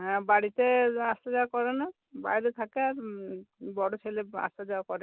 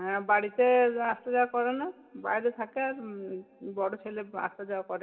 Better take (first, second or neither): first